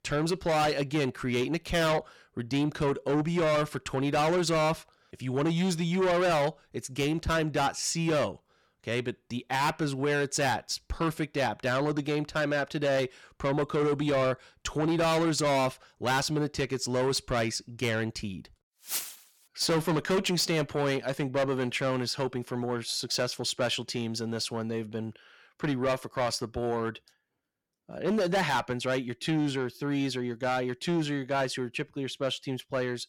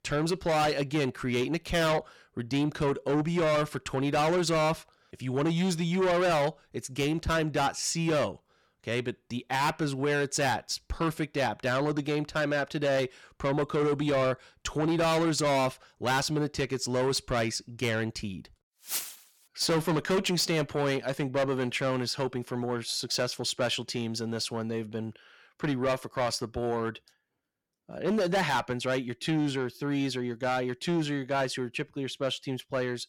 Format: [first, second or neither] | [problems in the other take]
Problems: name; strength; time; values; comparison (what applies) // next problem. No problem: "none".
neither | distortion; heavy; 6 dB below the speech; the same in both